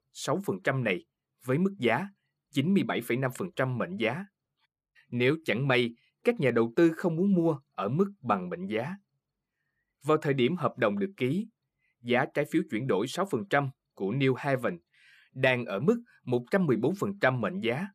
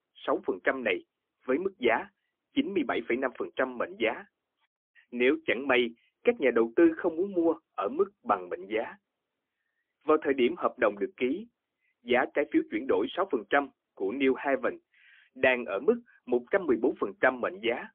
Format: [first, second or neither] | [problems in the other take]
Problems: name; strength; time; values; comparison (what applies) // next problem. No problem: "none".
first | phone-call audio; poor line; nothing above 3.5 kHz